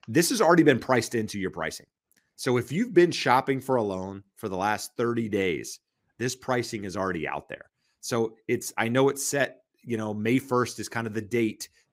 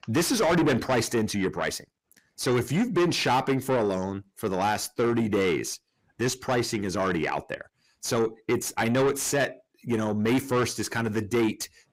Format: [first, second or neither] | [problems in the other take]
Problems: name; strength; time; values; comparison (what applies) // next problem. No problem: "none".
first | distortion; heavy; 6 dB below the speech